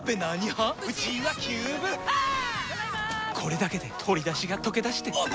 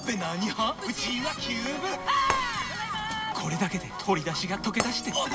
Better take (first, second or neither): first